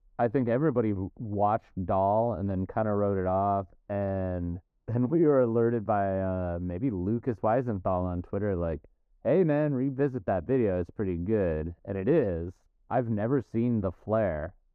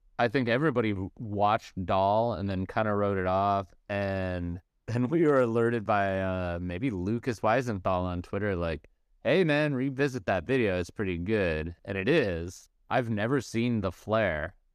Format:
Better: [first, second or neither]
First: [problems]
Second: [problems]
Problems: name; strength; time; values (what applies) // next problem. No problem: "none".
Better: second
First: muffled; very; fading above 2 kHz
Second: none